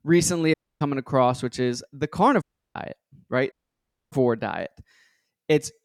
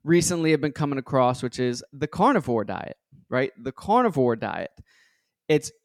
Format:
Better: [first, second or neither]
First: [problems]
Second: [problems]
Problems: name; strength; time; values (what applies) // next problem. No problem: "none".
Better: second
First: audio cutting out; at 0.5 s, at 2.5 s and at 3.5 s for 0.5 s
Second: none